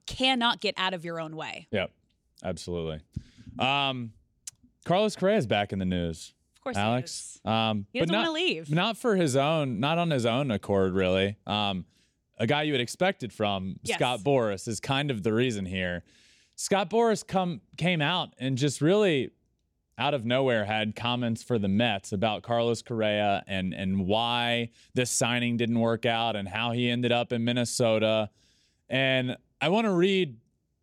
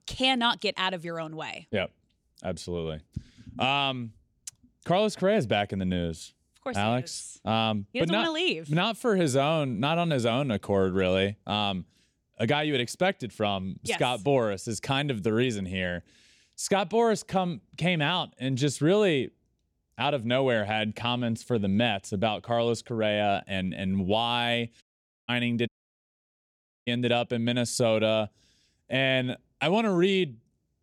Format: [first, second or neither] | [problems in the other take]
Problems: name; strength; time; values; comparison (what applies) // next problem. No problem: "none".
first | audio cutting out; at 25 s and at 26 s for 1 s